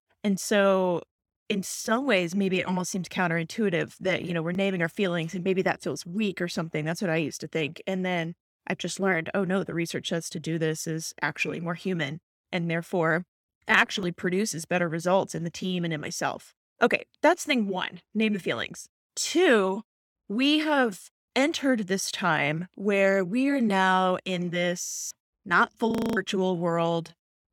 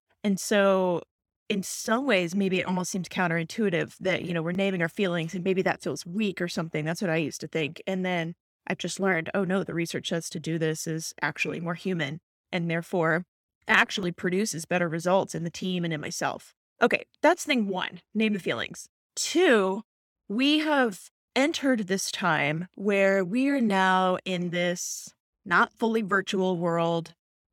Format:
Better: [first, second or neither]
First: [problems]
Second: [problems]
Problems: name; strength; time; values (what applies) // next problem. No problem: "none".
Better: second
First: audio freezing; at 25 s and at 26 s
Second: none